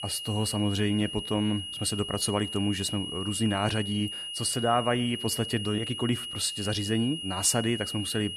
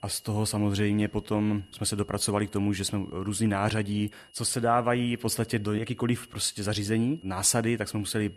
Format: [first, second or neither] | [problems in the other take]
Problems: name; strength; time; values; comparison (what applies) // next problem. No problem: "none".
second | high-pitched whine; loud; throughout; 3 kHz, 6 dB below the speech; faint in the second